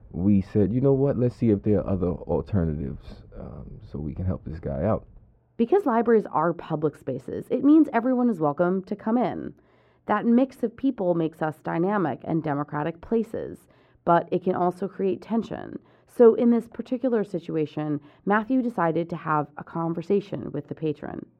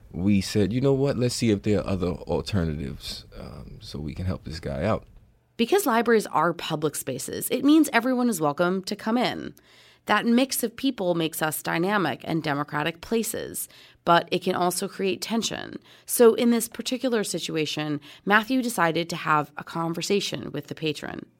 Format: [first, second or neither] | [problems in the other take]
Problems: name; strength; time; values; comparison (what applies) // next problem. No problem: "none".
second | muffled; very; fading above 2.5 kHz